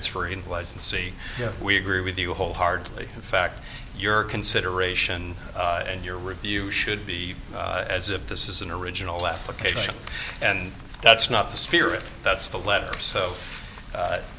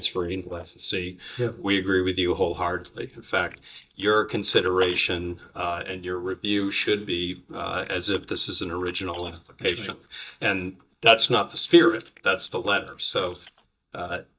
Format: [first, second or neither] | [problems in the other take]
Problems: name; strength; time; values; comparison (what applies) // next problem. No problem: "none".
first | noise reduction (neural mask model DeepFilterNet 3)